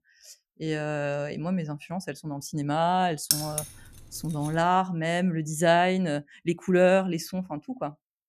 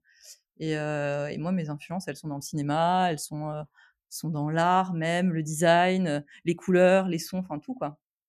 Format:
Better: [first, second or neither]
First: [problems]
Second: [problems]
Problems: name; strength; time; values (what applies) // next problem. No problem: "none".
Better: second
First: jangling keys; loud; at 3.5 s; peak 1 dB above the speech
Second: none